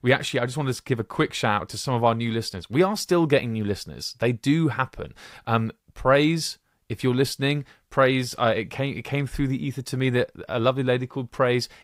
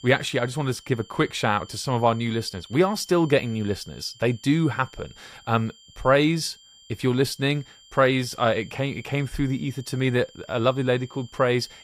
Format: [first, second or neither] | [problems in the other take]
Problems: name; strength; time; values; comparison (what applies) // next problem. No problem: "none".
first | high-pitched whine; faint; throughout; 3 kHz, 25 dB below the speech